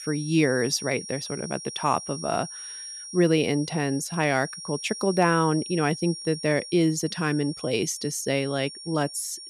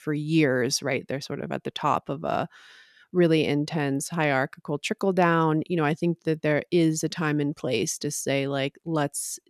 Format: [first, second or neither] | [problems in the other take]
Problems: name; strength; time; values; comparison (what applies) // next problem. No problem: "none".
second | high-pitched whine; noticeable; throughout; 5.5 kHz, 10 dB below the speech